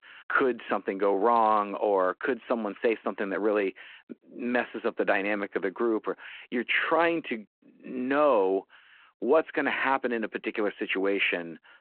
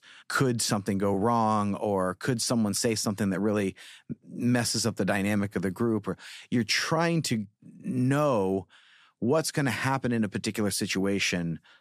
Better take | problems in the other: second | phone-call audio

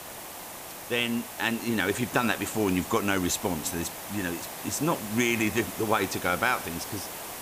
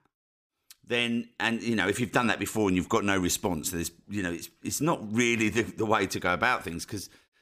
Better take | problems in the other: second | hiss; loud; throughout; 9 dB below the speech

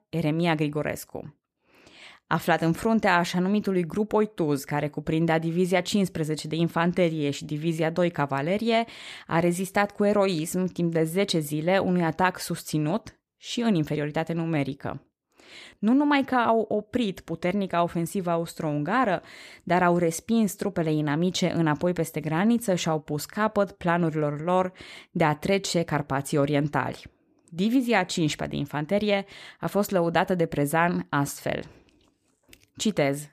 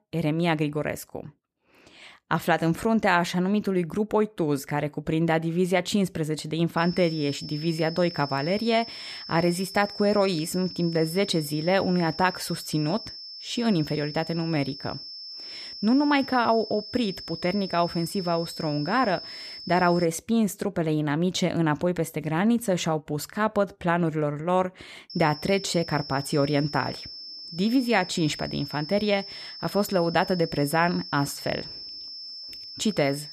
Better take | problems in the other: first | high-pitched whine; noticeable; from 7 to 20 s and from 25 s on; 5.5 kHz, 10 dB below the speech

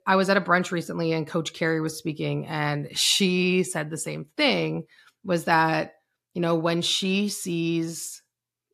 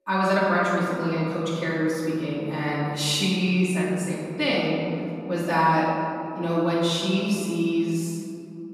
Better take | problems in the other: first | room echo; strong; dies away in 2.8 s // off-mic speech; far

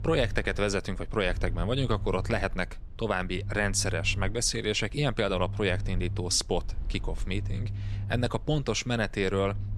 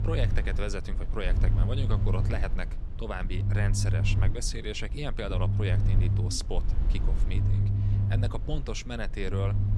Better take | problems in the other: first | low rumble; loud; throughout; 6 dB below the speech; faint in the first

